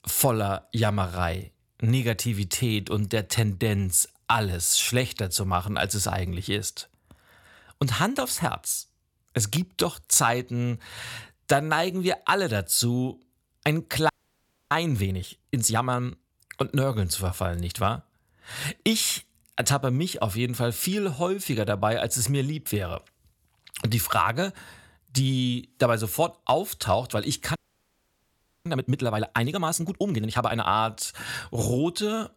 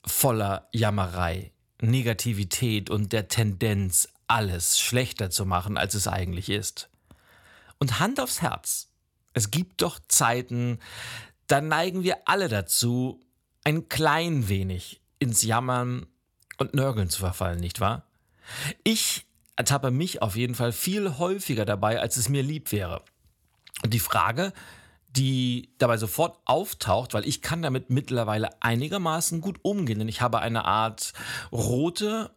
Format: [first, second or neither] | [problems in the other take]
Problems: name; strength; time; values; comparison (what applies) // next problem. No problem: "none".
second | audio freezing; at 14 s for 0.5 s and at 28 s for 1 s